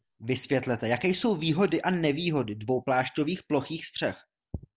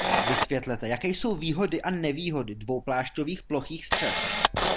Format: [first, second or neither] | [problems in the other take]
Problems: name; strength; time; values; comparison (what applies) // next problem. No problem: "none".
first | background sound (Camera); 1 dB below the speech